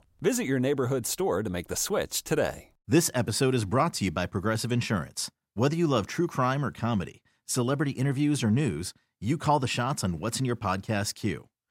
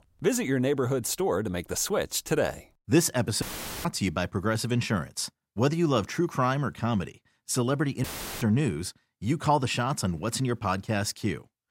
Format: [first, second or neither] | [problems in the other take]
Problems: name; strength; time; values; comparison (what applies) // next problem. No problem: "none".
first | audio cutting out; filled with static; at 3.5 s and at 8 s